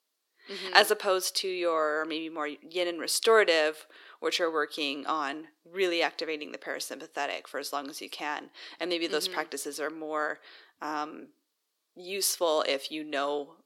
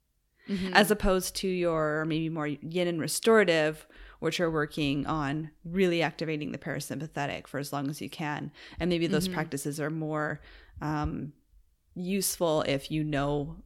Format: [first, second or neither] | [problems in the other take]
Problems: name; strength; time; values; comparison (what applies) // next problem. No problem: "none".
second | thin; very; fading below 350 Hz